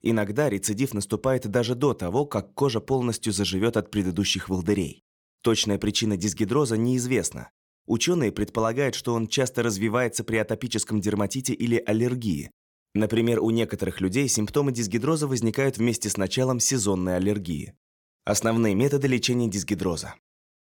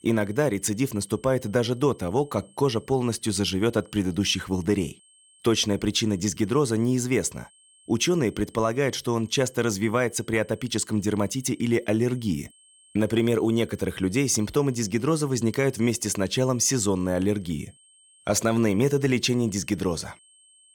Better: first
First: none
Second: high-pitched whine; faint; throughout; 8.5 kHz, 30 dB below the speech

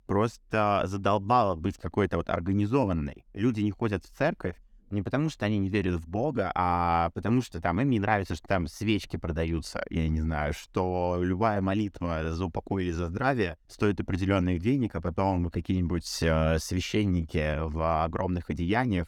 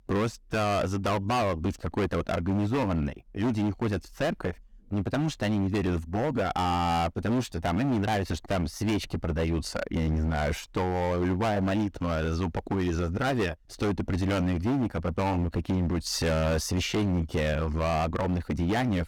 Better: first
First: none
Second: distortion; heavy; 21% of the sound clipped

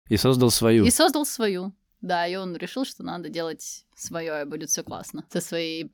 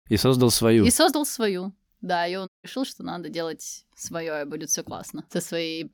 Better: first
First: none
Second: audio cutting out; at 2.5 s

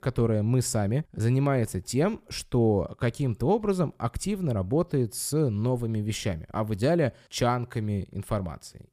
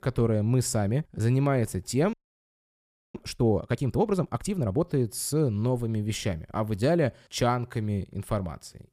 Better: first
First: none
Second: audio freezing; at 2 s for 1 s

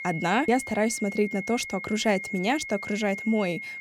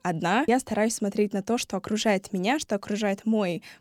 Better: second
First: high-pitched whine; loud; throughout; 2 kHz, 8 dB below the speech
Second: none

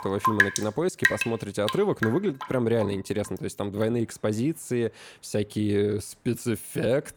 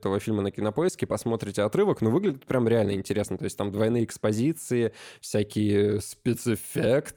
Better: second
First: rain or running water; very loud; throughout; as loud as the speech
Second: none

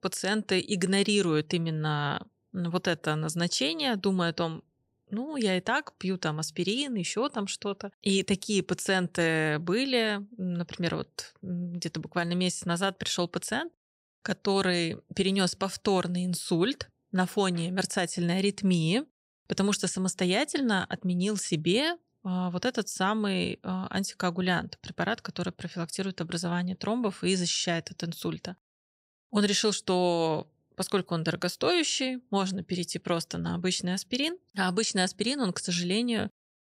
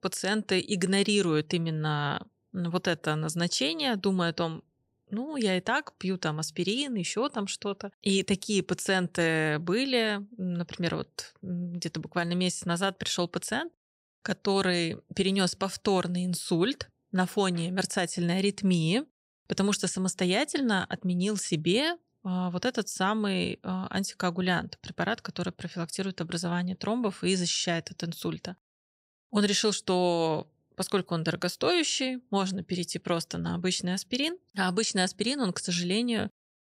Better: neither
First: none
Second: none

